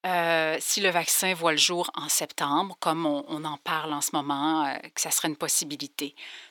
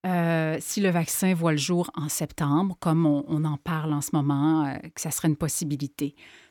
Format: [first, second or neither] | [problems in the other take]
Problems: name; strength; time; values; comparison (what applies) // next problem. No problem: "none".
second | thin; very; fading below 500 Hz